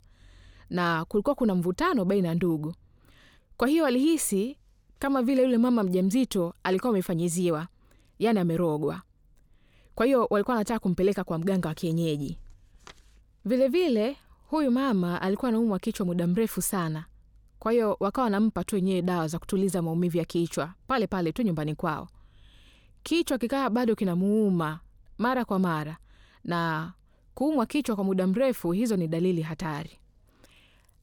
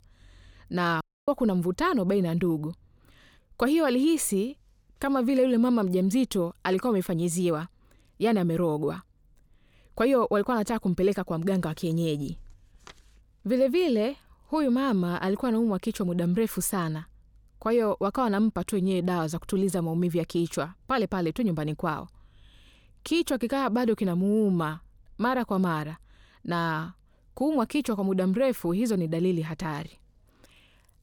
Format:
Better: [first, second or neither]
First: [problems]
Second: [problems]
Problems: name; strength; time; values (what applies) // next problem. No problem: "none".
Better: first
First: none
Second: audio cutting out; at 1 s